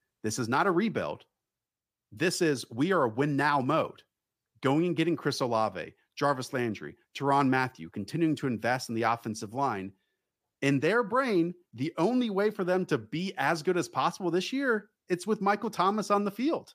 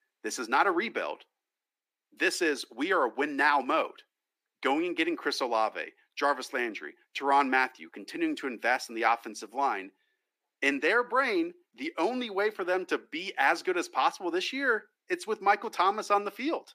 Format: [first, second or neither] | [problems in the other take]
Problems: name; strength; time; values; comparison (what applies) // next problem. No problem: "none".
first | thin; somewhat; fading below 300 Hz